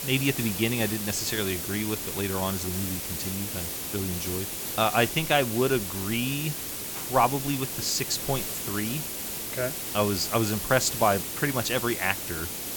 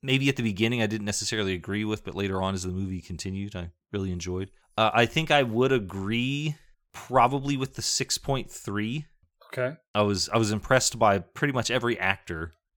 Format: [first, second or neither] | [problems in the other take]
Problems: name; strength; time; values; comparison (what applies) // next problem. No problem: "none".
second | hiss; loud; throughout; 3 dB below the speech